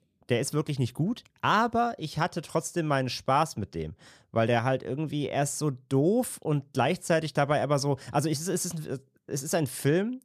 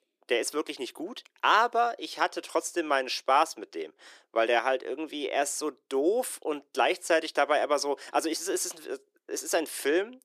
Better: first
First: none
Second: thin; very; fading below 350 Hz

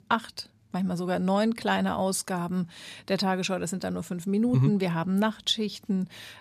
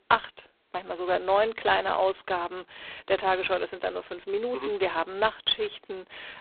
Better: first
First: none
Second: phone-call audio; poor line; nothing above 3.5 kHz

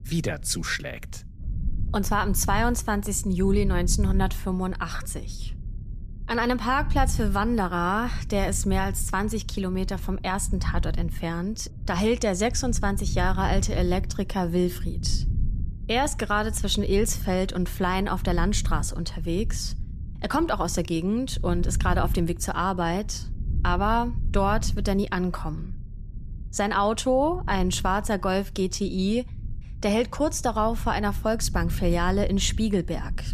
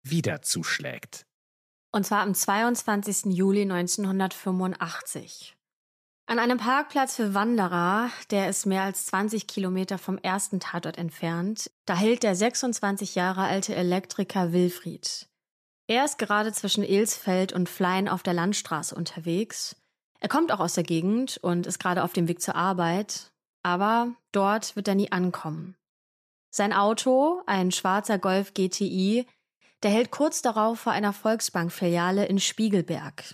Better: second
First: low rumble; faint; throughout; 20 dB below the speech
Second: none

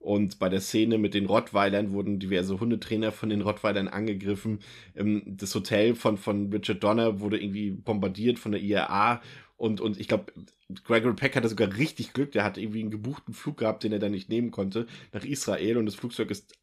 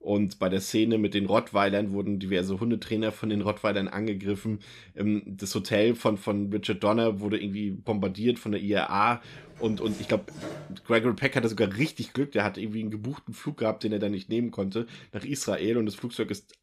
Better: first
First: none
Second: door banging; faint; from 9.5 to 11 s; peak 10 dB below the speech

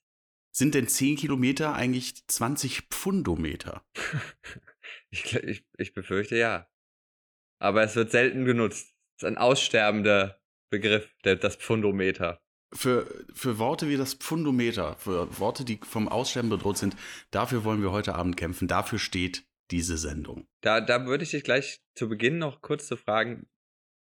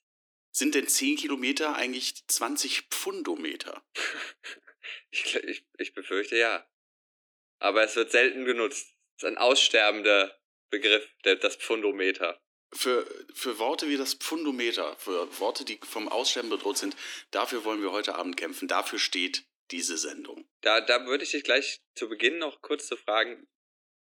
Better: first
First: none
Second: thin; very slightly; fading below 300 Hz

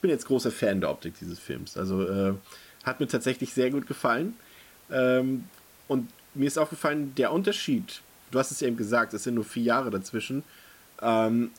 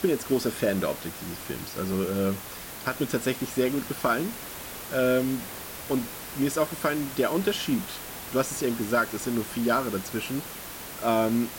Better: first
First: hiss; faint; throughout; 25 dB below the speech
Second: hiss; loud; throughout; 9 dB below the speech

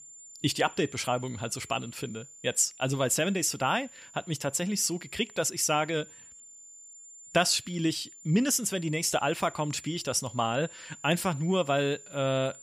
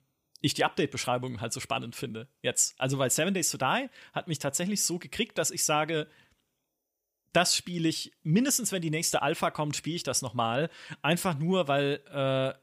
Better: second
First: high-pitched whine; noticeable; throughout; 7 kHz, 20 dB below the speech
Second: none

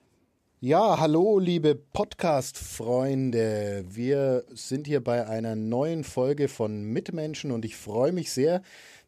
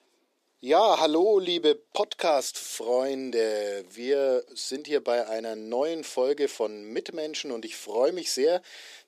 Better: first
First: none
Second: thin; somewhat; fading below 350 Hz

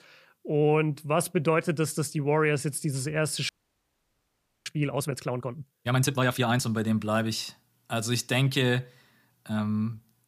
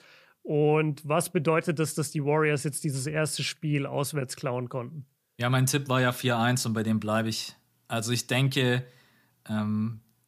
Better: second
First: audio freezing; at 3.5 s for 1 s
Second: none

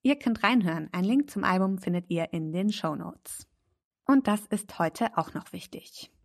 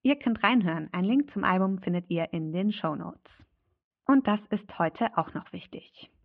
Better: first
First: none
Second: muffled; very; fading above 3 kHz

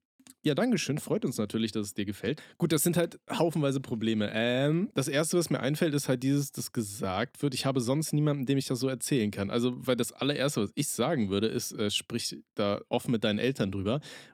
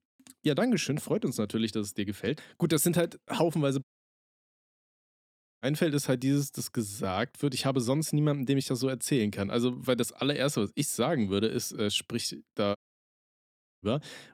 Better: first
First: none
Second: audio cutting out; at 4 s for 2 s and at 13 s for 1 s

